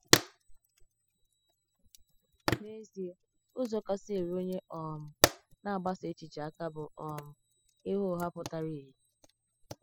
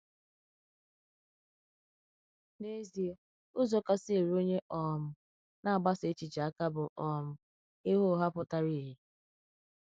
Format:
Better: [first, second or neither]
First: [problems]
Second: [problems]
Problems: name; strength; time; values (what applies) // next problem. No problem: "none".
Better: second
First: noise reduction (classical method spectral subtraction)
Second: none